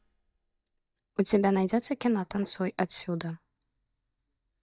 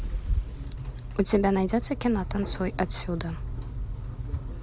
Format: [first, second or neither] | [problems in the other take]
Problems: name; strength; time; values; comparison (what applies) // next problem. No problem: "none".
second | noise reduction (neural mask model DeepFilterNet 3)